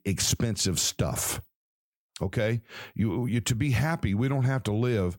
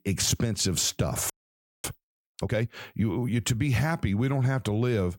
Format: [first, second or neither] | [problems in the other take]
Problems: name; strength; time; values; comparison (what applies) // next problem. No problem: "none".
first | audio freezing; at 1.5 s for 0.5 s